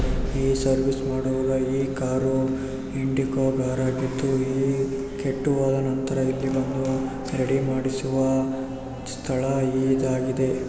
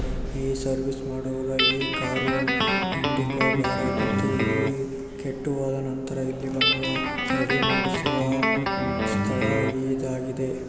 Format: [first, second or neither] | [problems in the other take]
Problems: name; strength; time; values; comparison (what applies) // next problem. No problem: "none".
first | background sound (Guitar); 1 dB above the speech